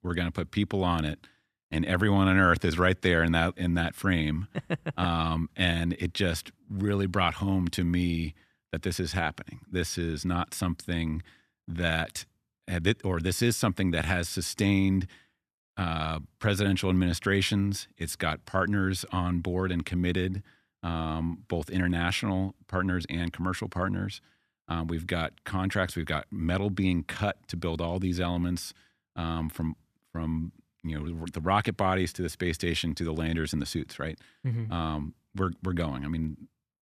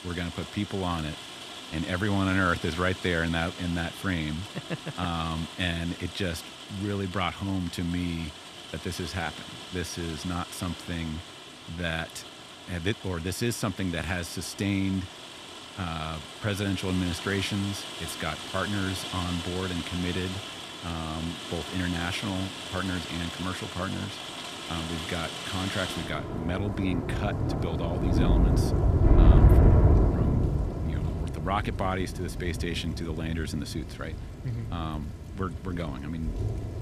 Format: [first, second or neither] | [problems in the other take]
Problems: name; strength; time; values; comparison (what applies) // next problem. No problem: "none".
first | rain or running water; very loud; throughout; 1 dB above the speech